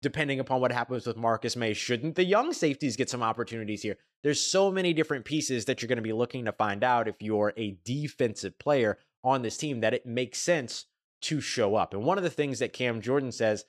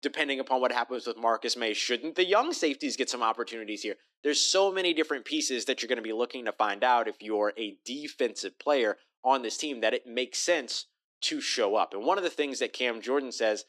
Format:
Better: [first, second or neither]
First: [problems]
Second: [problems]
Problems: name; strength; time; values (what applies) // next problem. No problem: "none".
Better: first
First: none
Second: thin; very slightly; fading below 250 Hz